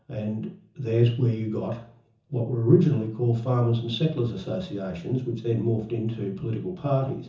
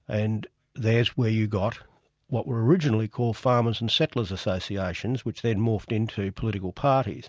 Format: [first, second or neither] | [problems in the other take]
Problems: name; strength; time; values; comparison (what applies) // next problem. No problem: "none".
second | room echo; dies away in 0.6 s